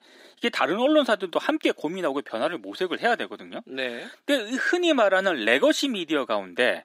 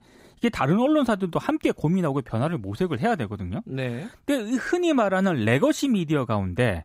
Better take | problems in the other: second | thin; somewhat; fading below 300 Hz

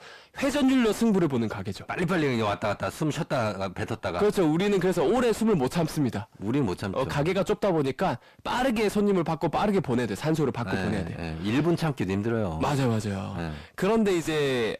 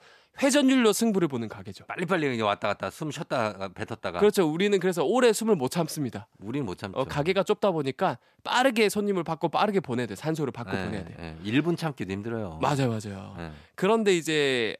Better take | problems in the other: second | distortion; heavy; 5 dB below the speech

